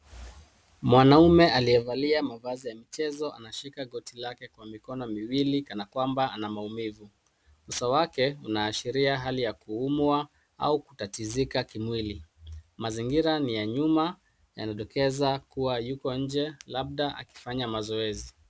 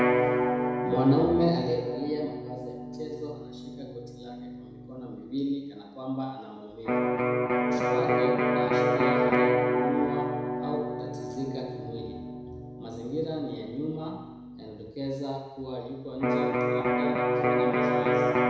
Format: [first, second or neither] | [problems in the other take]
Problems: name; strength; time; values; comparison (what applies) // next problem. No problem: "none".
first | background sound (Electric guitar); 5 dB above the speech // room echo; dies away in 1 s